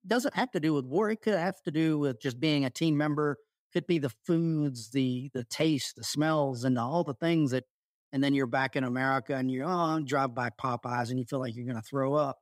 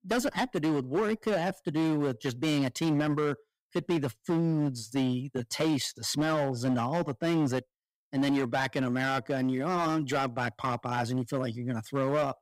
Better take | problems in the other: first | distortion; slight; 11% of the sound clipped

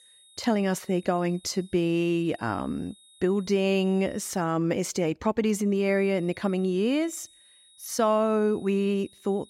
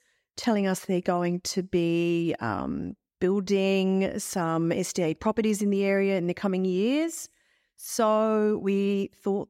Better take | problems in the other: second | high-pitched whine; faint; until 4.5 s and from 6 s on; 3.5 kHz, 25 dB below the speech

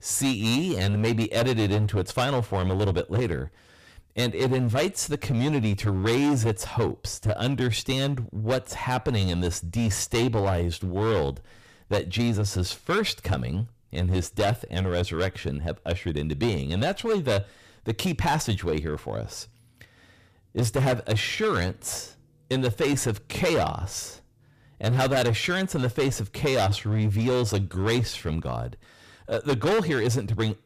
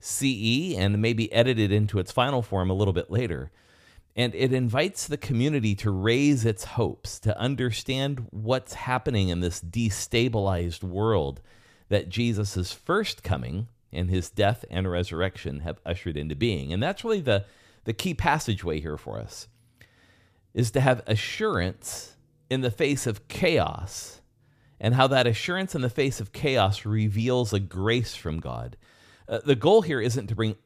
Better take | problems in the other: second | distortion; heavy; 12% of the sound clipped

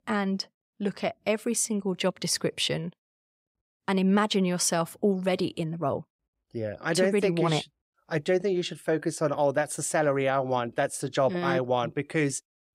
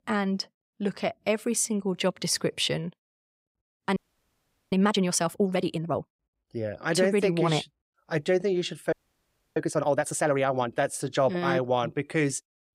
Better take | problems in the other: first | audio freezing; at 4 s for 1 s and at 9 s for 0.5 s

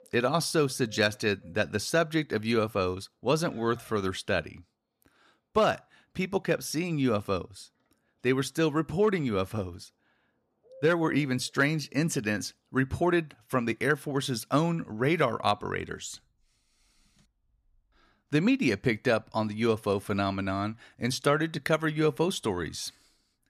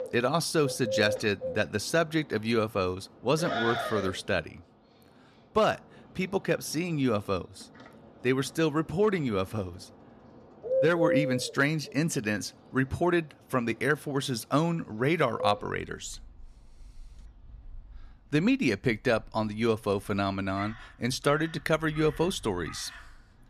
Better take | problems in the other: first | animal sounds; loud; throughout; 6 dB below the speech; faint in the first

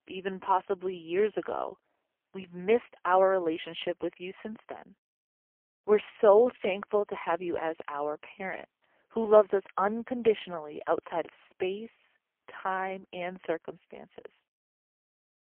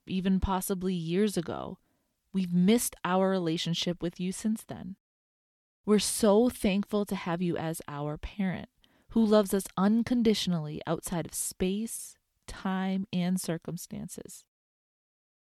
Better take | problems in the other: second | phone-call audio; poor line; nothing above 3.5 kHz

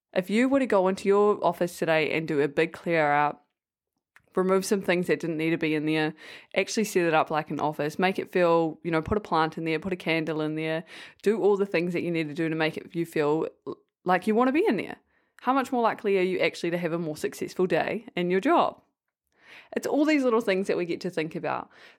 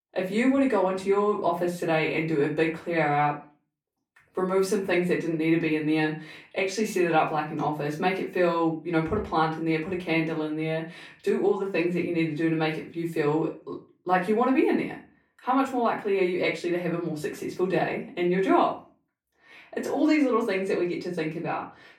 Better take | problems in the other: first | off-mic speech; far // room echo; slight; dies away in 0.3 s

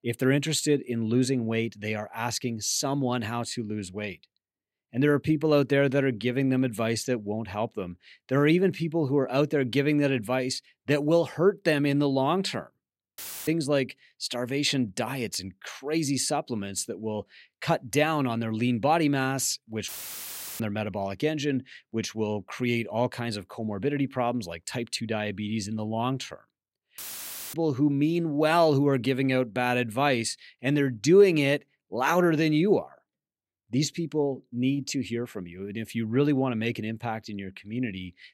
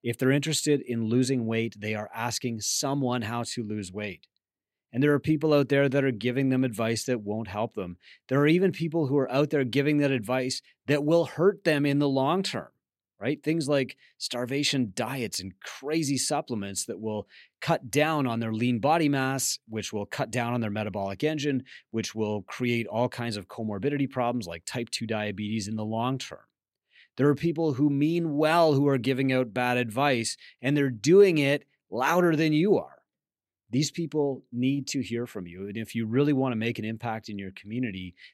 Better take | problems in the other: second | audio cutting out; filled with static; at 13 s, at 20 s for 0.5 s and at 27 s for 0.5 s

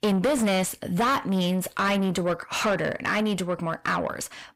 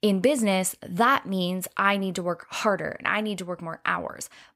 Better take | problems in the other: second | distortion; heavy; 6 dB below the speech

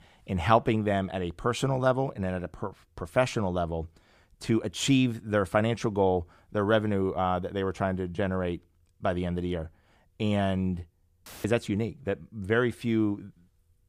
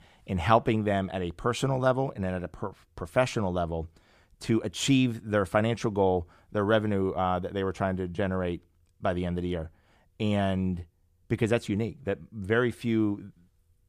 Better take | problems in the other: second | audio cutting out; filled with static; at 11 s

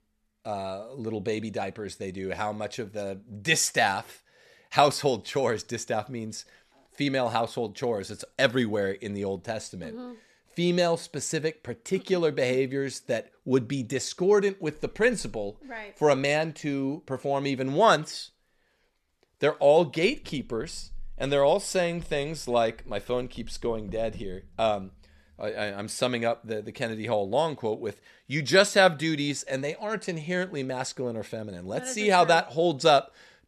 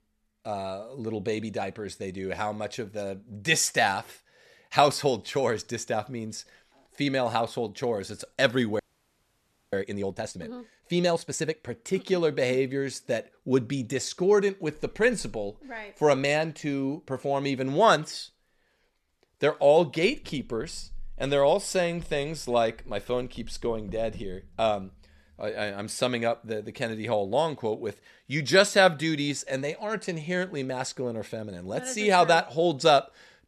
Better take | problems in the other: first | audio freezing; at 9 s for 1 s

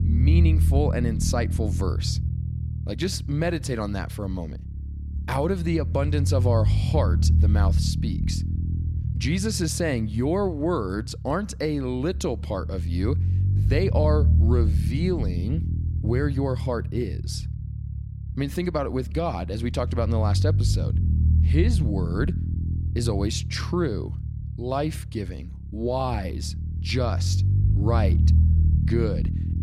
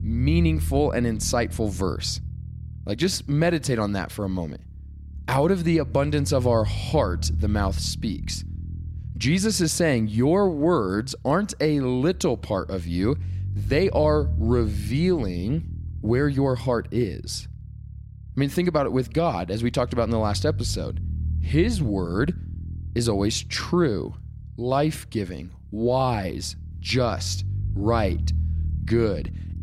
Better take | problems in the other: second | low rumble; loud; throughout; 10 dB below the speech; faint in the second

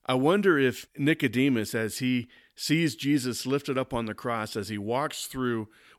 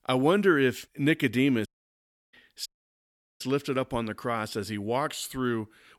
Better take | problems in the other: first | audio cutting out; at 1.5 s for 0.5 s and at 2.5 s for 0.5 s

